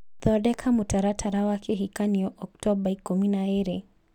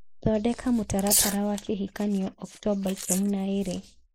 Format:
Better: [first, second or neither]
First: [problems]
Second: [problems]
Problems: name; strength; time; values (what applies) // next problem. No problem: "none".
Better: first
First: none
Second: noise reduction (neural mask model Resemble Enhance denoiser)